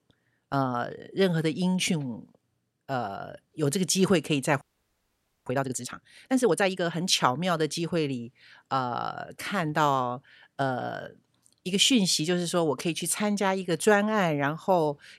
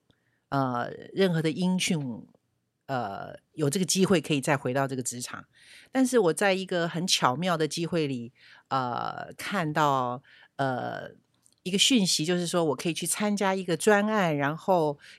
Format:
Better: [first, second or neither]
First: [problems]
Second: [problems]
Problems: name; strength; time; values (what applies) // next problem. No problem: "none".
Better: second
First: audio freezing; at 4.5 s for 1 s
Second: none